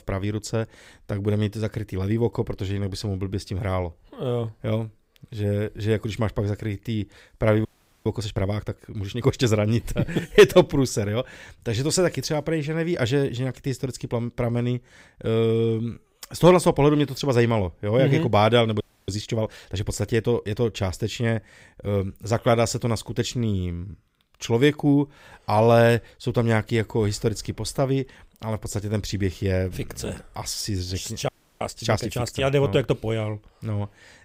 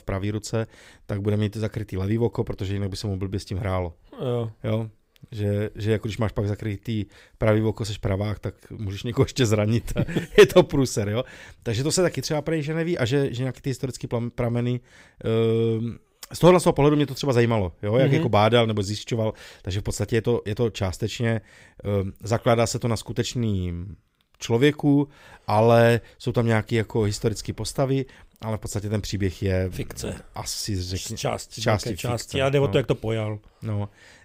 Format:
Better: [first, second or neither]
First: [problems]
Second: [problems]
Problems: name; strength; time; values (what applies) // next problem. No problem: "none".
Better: second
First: audio freezing; at 7.5 s, at 19 s and at 31 s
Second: none